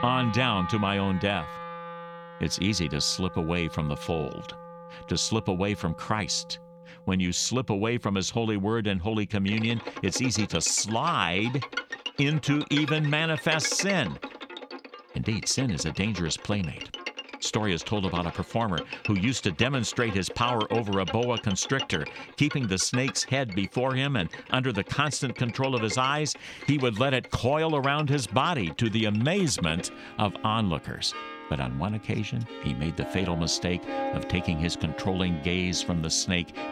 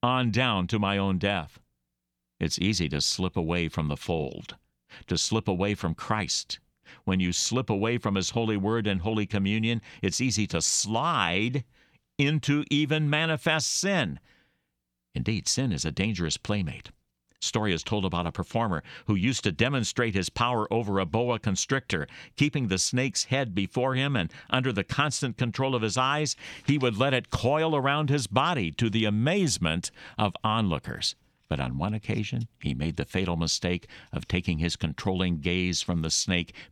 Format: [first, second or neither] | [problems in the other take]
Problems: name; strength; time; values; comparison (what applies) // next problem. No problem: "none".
second | background music; noticeable; throughout; 10 dB below the speech